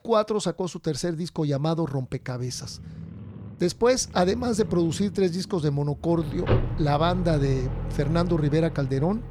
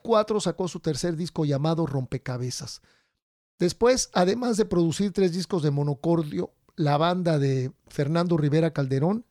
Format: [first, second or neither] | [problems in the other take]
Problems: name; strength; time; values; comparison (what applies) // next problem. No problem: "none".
second | traffic noise; loud; throughout; 8 dB below the speech